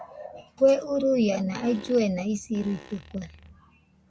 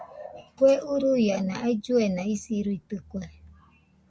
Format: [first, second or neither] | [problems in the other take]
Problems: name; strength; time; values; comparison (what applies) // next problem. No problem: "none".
second | background sound (Fart); 19 dB below the speech